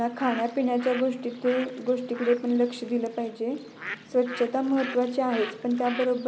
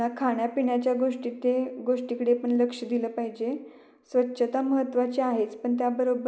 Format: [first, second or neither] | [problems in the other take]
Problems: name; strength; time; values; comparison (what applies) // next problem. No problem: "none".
second | background sound (Bird); 14 dB below the speech